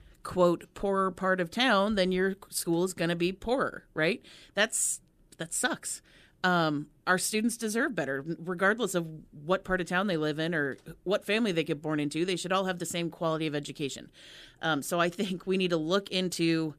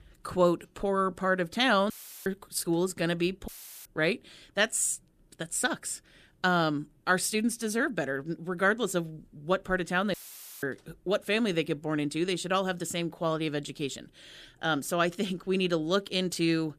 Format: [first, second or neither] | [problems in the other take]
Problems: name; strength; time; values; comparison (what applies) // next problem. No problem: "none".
first | audio cutting out; filled with static; at 2 s, at 3.5 s and at 10 s